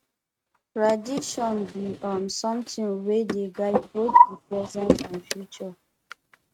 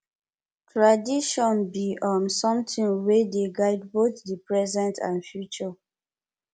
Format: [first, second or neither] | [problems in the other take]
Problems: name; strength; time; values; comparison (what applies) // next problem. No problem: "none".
second | noise reduction (neural mask model RNNoise)